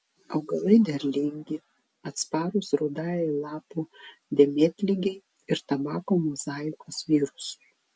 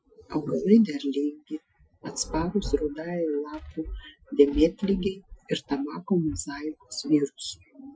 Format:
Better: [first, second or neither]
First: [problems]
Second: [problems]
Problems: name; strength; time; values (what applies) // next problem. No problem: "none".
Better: first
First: none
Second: noise reduction (classical method Wiener filter)